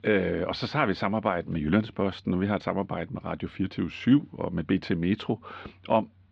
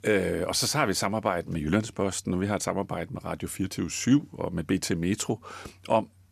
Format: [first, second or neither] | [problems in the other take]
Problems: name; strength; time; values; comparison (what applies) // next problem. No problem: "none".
second | muffled; slightly; fading above 3.5 kHz